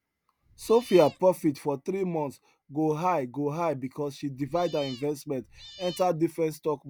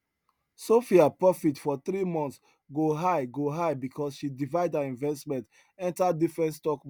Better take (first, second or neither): second